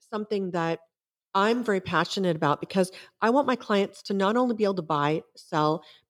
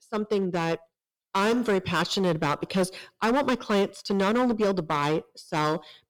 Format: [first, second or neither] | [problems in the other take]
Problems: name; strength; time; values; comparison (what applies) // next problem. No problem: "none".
first | distortion; heavy; 10% of the sound clipped